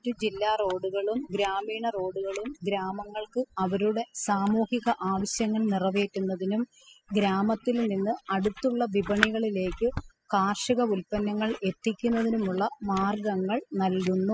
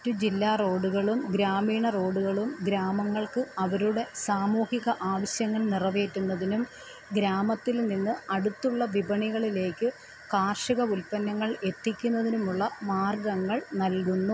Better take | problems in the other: second | noise reduction (classical method spectral subtraction)

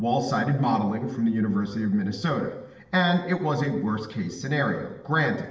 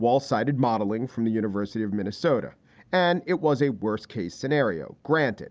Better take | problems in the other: second | room echo; dies away in 0.9 s

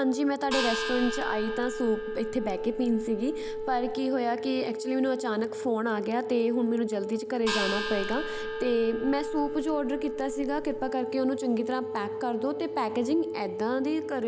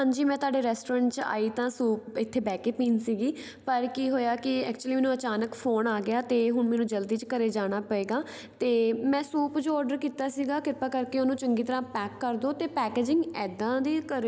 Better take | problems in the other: second | background sound (Wind instrument, woodwind instrument + Gong); 5 dB below the speech

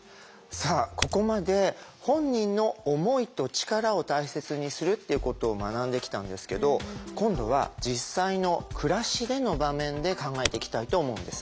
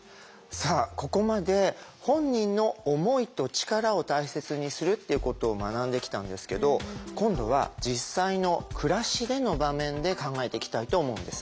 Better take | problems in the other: second | background sound (Typing); 7 dB below the speech

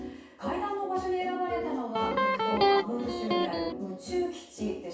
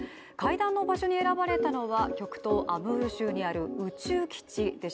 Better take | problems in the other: second | background sound (Electric guitar); 5 dB above the speech // room echo; dies away in 0.7 s

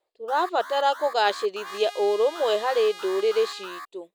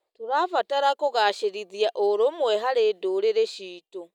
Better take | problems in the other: second | background sound (Trumpet + Alarm); 15 dB below the speech

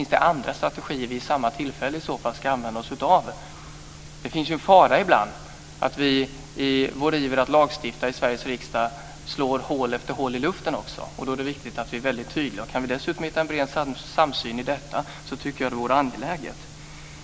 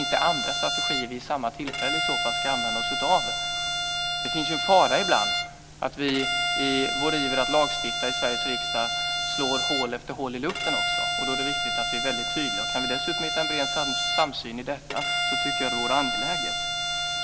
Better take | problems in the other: first | background sound (Bowed string instrument); 1 dB above the speech

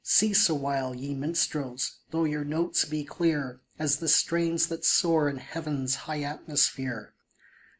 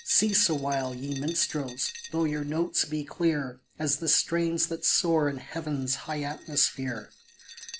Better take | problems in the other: first | background sound (Glass); 18 dB below the speech

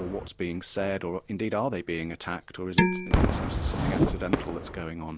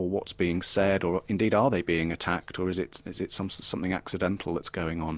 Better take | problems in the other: second | background sound (Whoosh, swoosh, swish / Fireworks + Dishes, pots, and pans); 4 dB above the speech

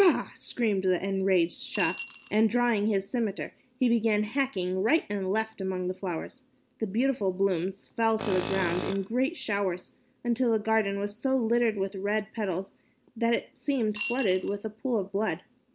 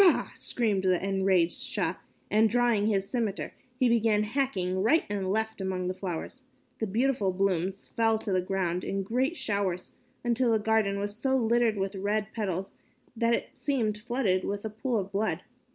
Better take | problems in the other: second | background sound (Tools + Coin (dropping) / Glass); 9 dB below the speech

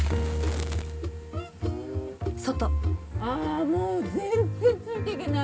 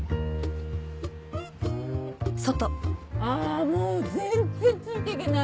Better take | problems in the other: second | background sound (Fire); 17 dB below the speech // room echo; dies away in 0.3 s

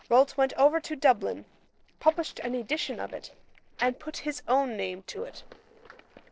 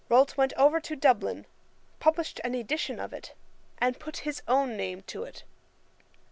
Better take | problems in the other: second | noise reduction (neural separator model SepFormer DNS4)

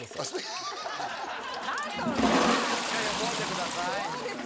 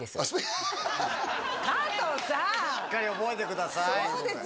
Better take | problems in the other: second | background sound (Toilet flush); 2 dB above the speech

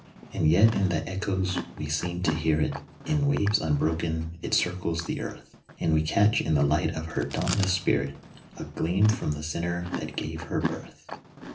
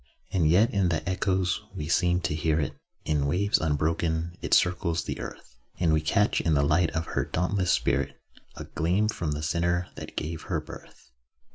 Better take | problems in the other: second | background sound (Chewing, mastication); 12 dB below the speech // room echo; dies away in 0.3 s

